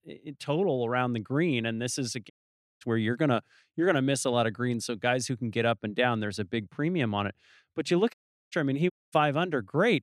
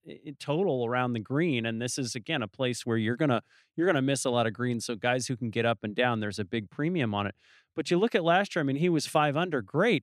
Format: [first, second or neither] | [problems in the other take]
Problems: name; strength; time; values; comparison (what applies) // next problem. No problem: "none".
second | audio cutting out; at 2.5 s for 0.5 s, at 8 s and at 9 s